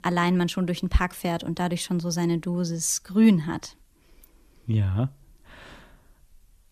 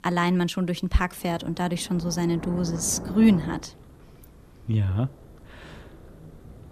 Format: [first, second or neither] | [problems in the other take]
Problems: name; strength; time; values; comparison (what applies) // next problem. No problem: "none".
first | rain or running water; noticeable; throughout; 15 dB below the speech